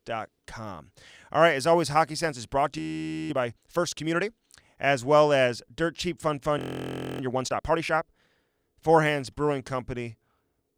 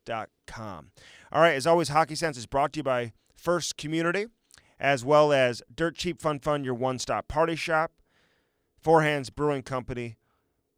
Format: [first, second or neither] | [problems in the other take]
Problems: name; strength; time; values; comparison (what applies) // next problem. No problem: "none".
second | audio freezing; at 3 s for 0.5 s and at 6.5 s for 0.5 s